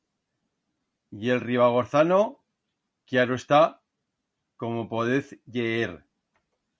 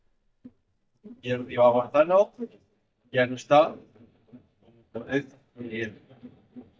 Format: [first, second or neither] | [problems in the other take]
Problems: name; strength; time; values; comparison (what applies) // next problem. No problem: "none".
first | noise reduction (neural mask model DeepFilterNet 3)